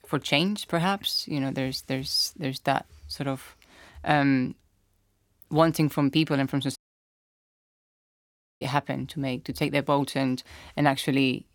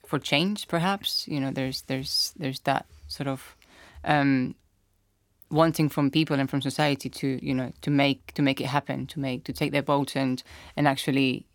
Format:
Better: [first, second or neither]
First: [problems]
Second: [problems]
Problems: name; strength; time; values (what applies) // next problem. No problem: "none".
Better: second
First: audio cutting out; at 7 s for 2 s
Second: none